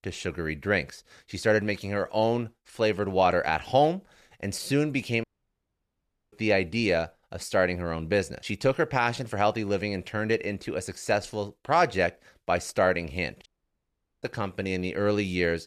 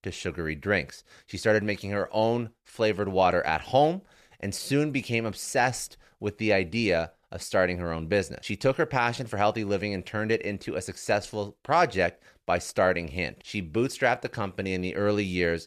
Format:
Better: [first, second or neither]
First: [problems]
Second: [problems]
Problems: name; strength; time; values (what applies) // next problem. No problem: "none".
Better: second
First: audio cutting out; at 5 s for 1 s and at 13 s for 1 s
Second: none